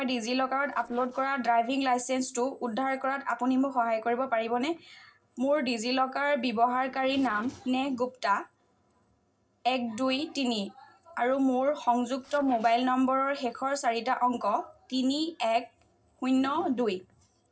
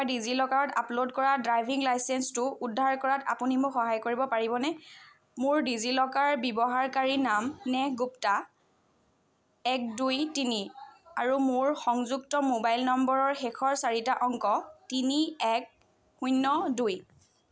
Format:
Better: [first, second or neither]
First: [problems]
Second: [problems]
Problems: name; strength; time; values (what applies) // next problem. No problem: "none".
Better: second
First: noise reduction (neural separator model SepFormer DNS4)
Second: none